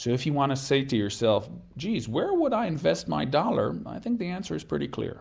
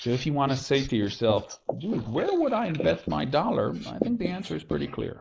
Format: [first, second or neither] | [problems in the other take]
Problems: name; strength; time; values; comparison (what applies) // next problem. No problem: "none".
first | noise reduction (neural mask model Resemble Enhance denoiser)